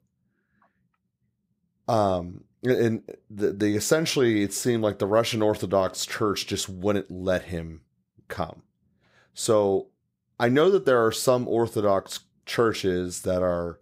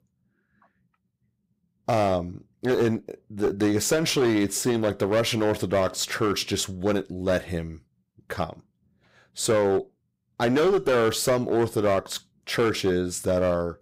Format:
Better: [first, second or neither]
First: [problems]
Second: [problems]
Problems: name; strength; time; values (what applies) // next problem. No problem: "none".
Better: first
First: none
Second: distortion; slight; 8% of the sound clipped